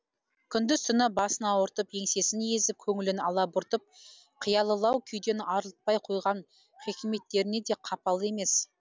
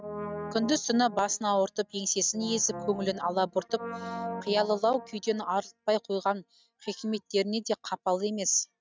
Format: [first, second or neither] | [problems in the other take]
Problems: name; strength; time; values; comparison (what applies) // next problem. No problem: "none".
first | noise reduction (neural mask model RNNoise)